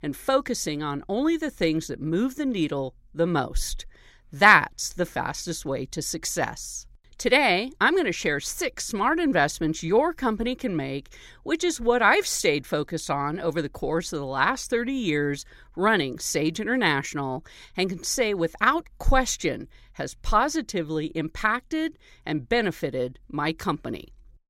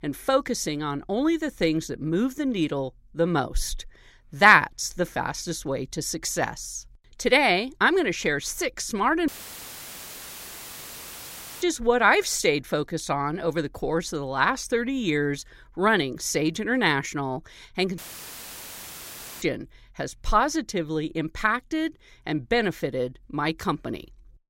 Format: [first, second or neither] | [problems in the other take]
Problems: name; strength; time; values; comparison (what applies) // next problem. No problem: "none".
first | audio cutting out; filled with static; at 9.5 s for 2.5 s and at 18 s for 1.5 s